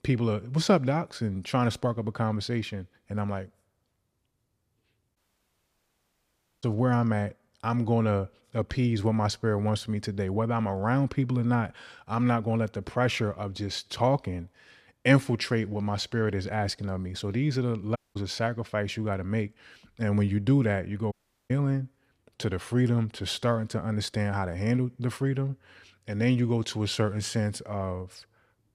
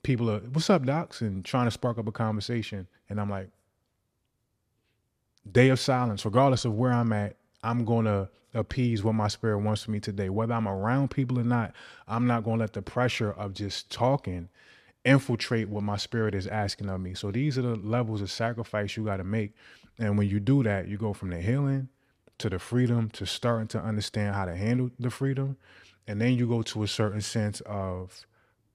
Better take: second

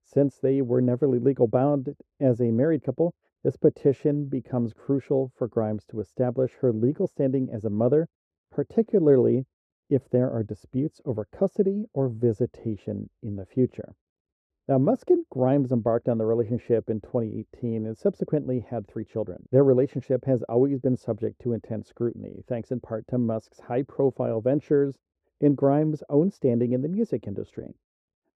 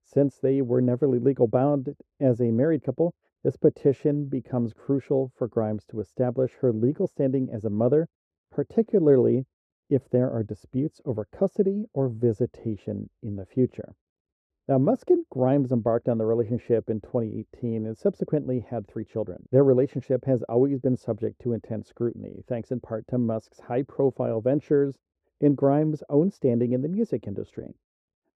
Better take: neither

